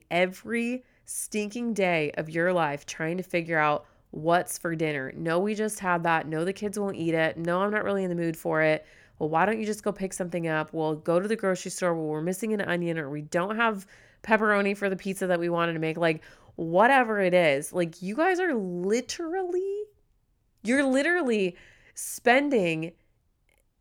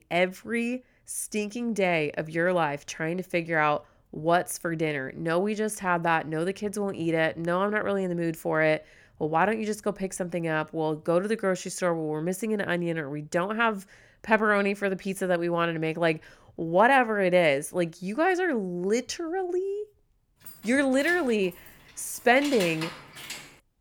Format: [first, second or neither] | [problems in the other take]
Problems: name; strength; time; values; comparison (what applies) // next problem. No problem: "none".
first | jangling keys; noticeable; from 20 s on; peak 7 dB below the speech